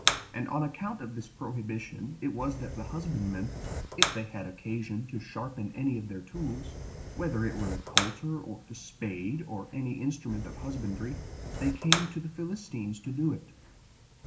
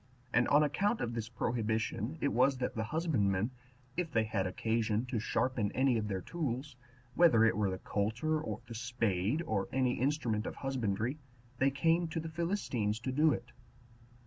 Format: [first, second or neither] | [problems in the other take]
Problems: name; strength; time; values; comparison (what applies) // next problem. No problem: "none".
second | background sound (Fire); 3 dB below the speech // room echo; dies away in 0.4 s